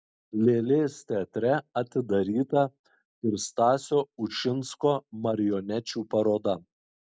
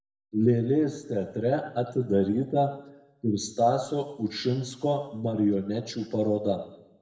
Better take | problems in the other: first | room echo; dies away in 0.8 s

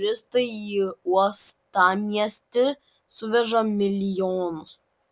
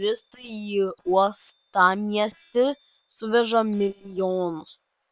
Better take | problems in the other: first | noise reduction (neural separator model SepFormer WHAM!)

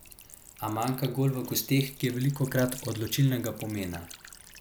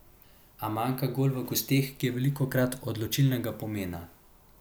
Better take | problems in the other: second | background sound (Trickle, dribble / Sink (filling or washing)); 18 dB below the speech

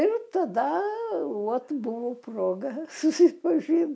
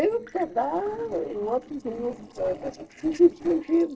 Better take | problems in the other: first | noise reduction (neural separator model SepFormer DNS4)

